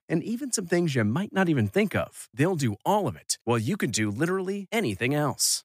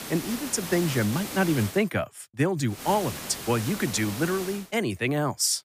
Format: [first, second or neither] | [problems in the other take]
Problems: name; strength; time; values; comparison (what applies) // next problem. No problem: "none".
first | hiss; loud; until 2 s and from 3 to 4.5 s; 8 dB below the speech